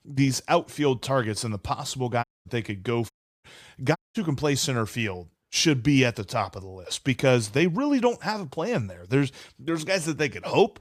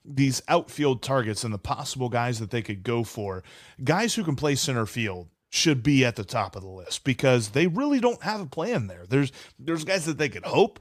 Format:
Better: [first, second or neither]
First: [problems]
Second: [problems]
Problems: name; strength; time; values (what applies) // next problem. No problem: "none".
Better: second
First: audio cutting out; at 2 s, at 3 s and at 4 s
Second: none